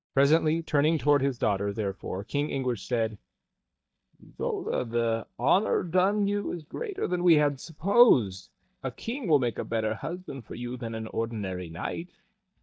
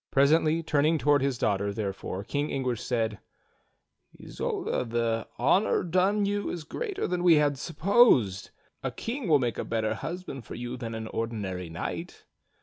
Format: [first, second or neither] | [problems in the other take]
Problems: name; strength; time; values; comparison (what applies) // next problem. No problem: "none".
second | noise reduction (neural mask model DeepFilterNet 3)